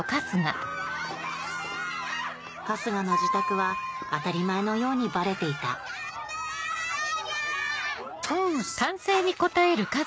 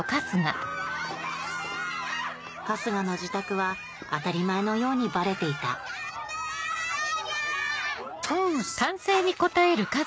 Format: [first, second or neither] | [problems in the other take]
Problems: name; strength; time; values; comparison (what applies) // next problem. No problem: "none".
second | background sound (Piano); 5 dB below the speech